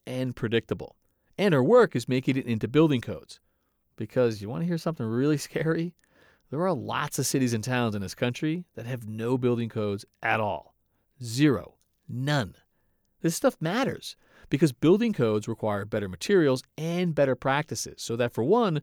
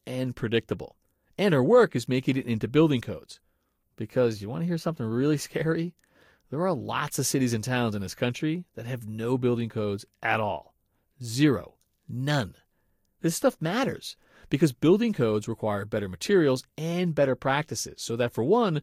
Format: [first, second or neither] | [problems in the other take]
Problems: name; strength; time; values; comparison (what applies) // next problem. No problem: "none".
first | garbled, watery; slightly; nothing above 14.5 kHz